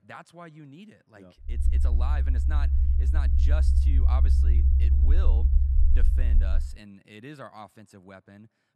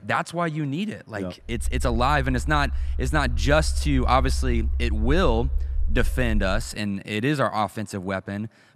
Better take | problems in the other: second | low rumble; loud; from 1.5 to 6.5 s; as loud as the speech; faint in the second

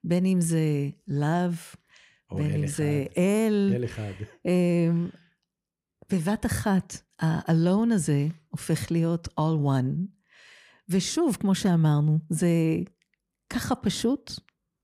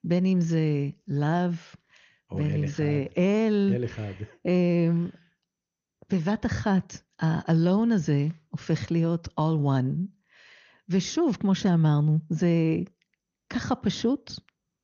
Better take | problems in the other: first | garbled, watery; slightly; nothing above 6.5 kHz

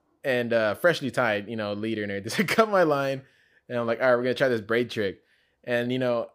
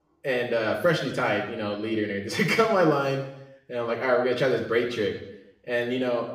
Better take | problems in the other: first | room echo; noticeable; dies away in 0.7 s // off-mic speech; far

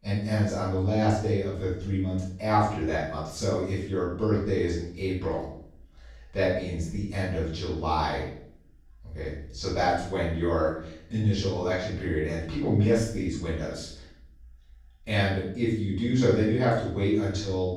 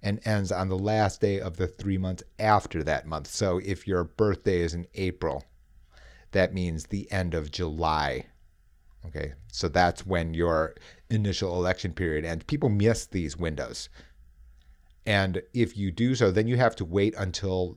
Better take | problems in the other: second | off-mic speech; far // room echo; noticeable; dies away in 0.6 s

